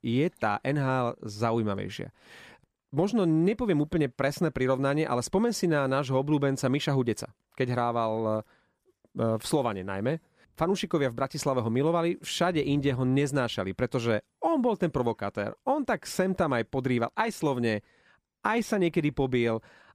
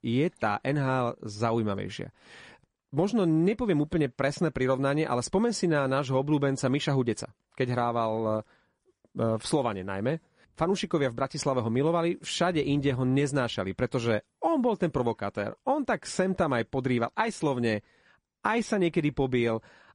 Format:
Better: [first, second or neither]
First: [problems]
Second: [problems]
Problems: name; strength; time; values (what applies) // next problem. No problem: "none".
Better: first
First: none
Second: garbled, watery; slightly; nothing above 10.5 kHz